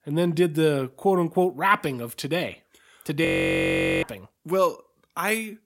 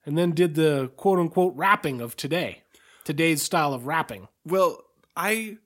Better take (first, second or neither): second